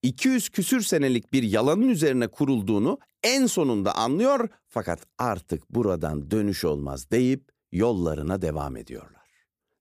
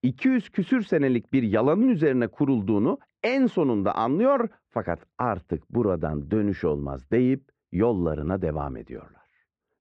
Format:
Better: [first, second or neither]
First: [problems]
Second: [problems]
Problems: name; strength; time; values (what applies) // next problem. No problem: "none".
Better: first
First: none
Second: muffled; very; fading above 2.5 kHz